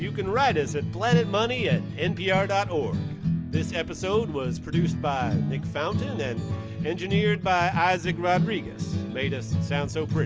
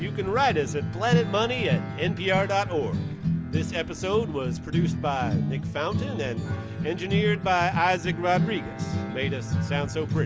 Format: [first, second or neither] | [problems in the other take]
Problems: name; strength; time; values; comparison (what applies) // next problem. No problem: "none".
first | background sound (Bowed string instrument); 19 dB below the speech